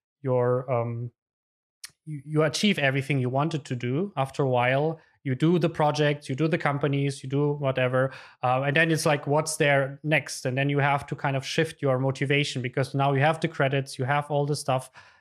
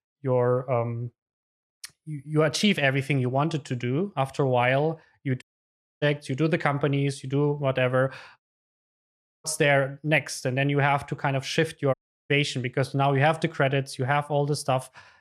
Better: first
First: none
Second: audio cutting out; at 5.5 s for 0.5 s, at 8.5 s for 1 s and at 12 s

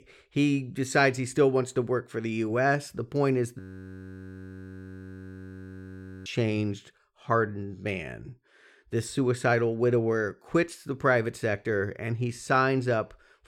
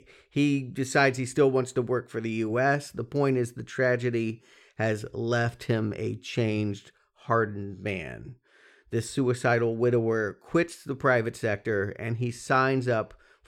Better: second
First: audio freezing; at 3.5 s for 2.5 s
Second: none

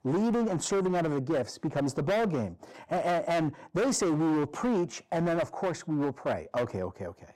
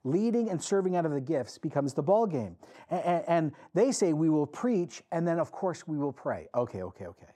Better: second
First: distortion; heavy; 19% of the sound clipped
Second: none

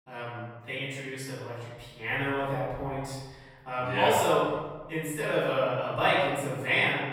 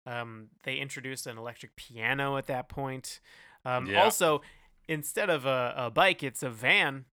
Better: second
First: room echo; strong; dies away in 1.3 s // off-mic speech; far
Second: none

